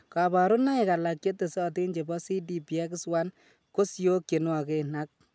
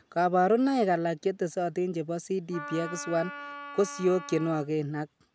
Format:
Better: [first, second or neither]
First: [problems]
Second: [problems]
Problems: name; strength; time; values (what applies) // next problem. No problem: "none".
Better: first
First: none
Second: background sound (Wind instrument, woodwind instrument); 13 dB below the speech